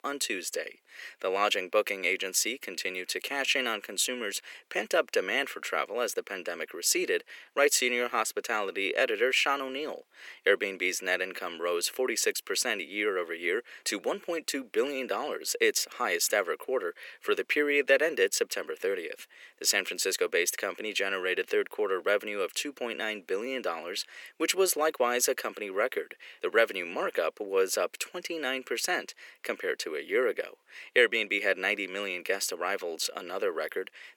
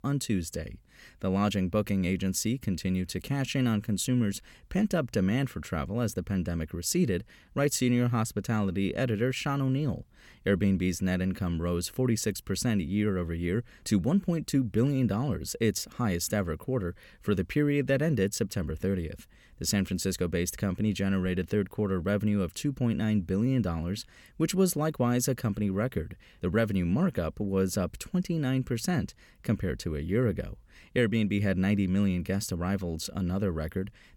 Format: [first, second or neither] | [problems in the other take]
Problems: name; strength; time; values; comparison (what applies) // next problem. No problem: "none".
second | thin; very; fading below 400 Hz